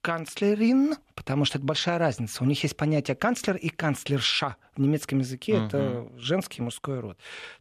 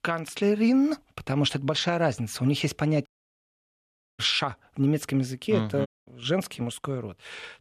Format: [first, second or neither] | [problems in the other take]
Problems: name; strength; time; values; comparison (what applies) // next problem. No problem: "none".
first | audio cutting out; at 3 s for 1 s and at 6 s